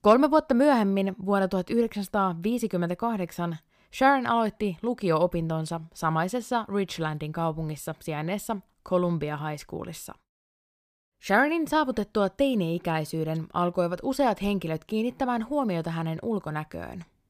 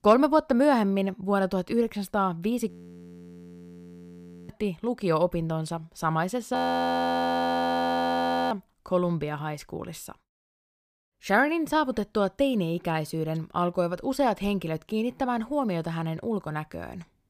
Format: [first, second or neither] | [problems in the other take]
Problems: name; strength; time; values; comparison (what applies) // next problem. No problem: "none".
first | audio freezing; at 2.5 s for 2 s and at 6.5 s for 2 s